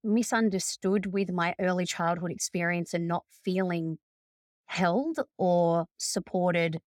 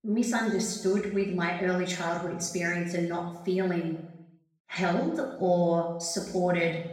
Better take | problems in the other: first | room echo; noticeable; dies away in 0.8 s // off-mic speech; far

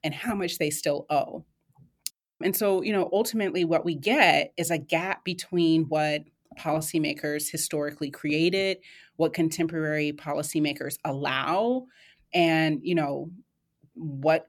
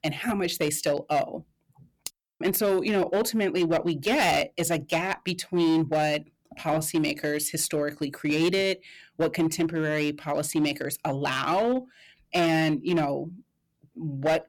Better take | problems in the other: first | distortion; slight; 7% of the sound clipped

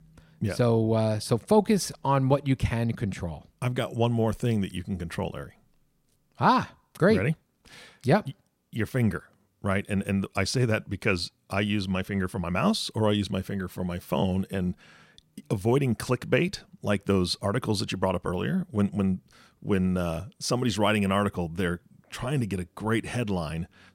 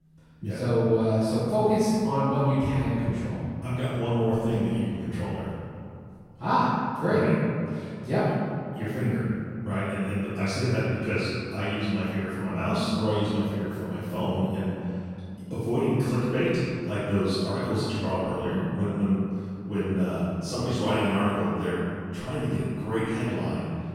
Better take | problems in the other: first | off-mic speech; far // room echo; strong; dies away in 2.3 s

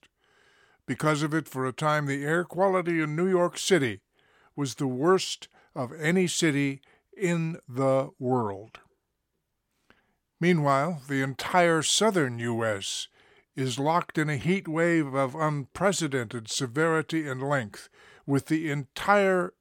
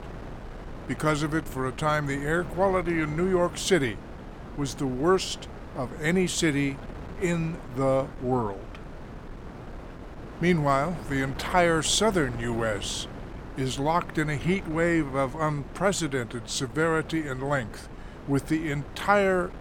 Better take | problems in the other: first | wind noise on the microphone; occasional gusts; 15 dB below the speech

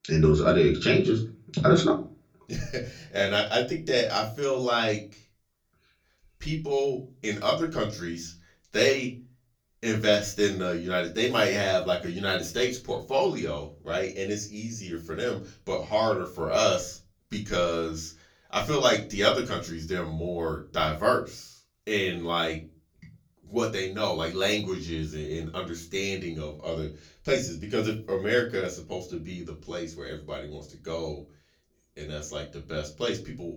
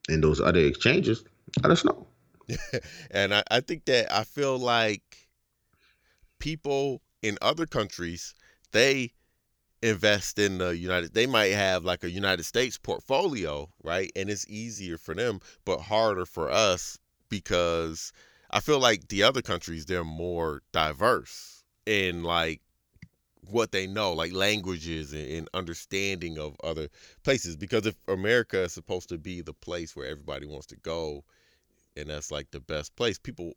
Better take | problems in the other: second | off-mic speech; far // room echo; very slight; dies away in 0.3 s

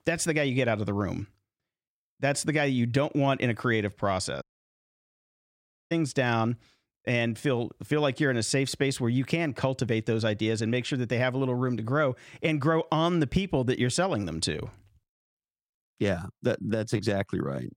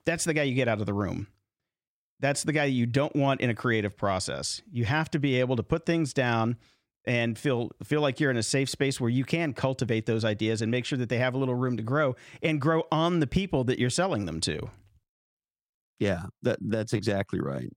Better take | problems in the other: second | audio cutting out; at 4.5 s for 1.5 s

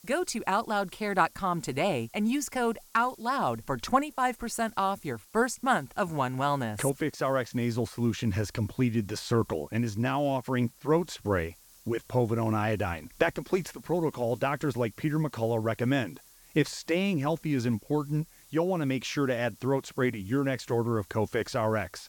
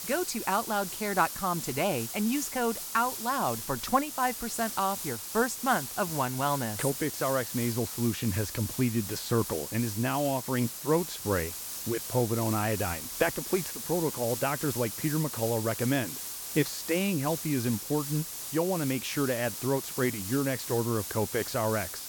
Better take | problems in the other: first | hiss; loud; throughout; 5 dB below the speech; faint in the first

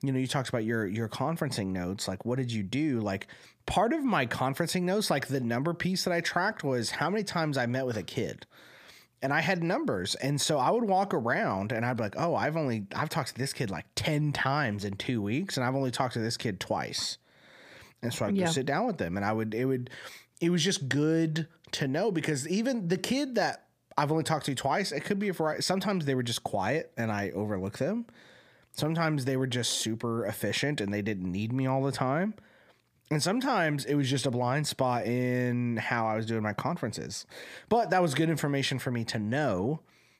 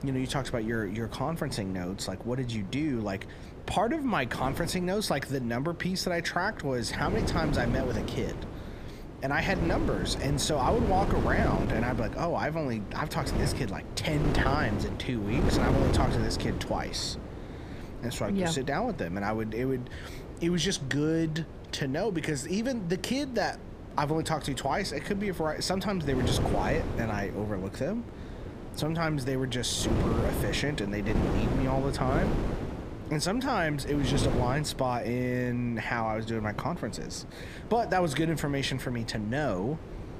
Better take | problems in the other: first | wind noise on the microphone; heavy; 8 dB below the speech

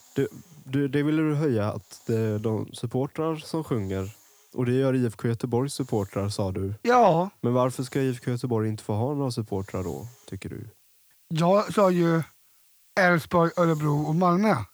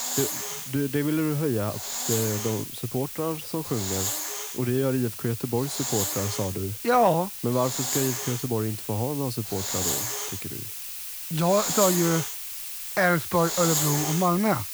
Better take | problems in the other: first | hiss; loud; throughout; 3 dB below the speech; faint in the first

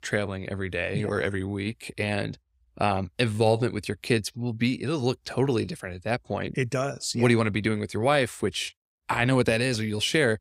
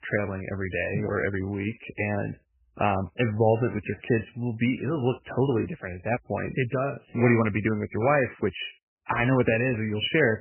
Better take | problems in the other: first | garbled, watery; badly; nothing above 3 kHz

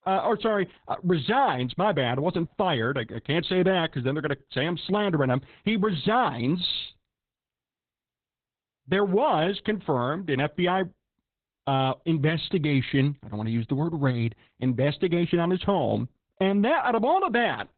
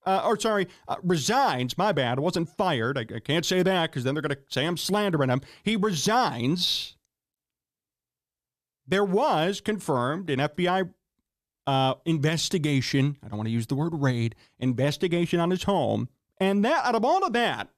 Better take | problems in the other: second | garbled, watery; badly; nothing above 4 kHz

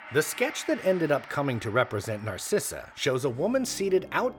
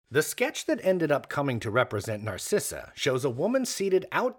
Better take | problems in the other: second | background music; noticeable; throughout; 15 dB below the speech

